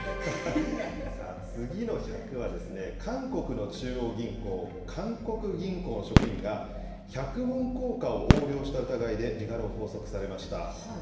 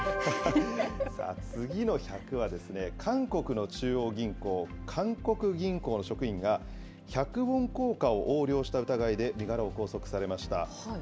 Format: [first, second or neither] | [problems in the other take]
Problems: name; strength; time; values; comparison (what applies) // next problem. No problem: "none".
second | background sound (Fireworks); 4 dB above the speech // room echo; dies away in 1.3 s